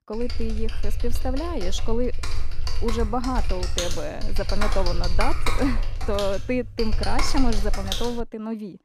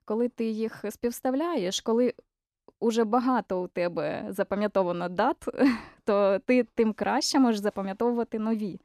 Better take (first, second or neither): second